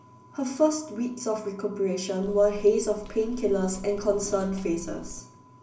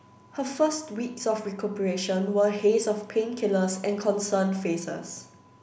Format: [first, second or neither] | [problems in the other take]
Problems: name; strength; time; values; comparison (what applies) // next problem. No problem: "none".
second | background sound (Walk, footsteps); 14 dB below the speech // room echo; dies away in 0.2 s